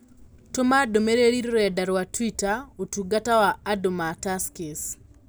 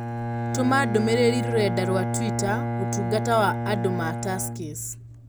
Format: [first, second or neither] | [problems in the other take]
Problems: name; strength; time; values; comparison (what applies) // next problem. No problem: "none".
first | background sound (Bowed string instrument); 2 dB below the speech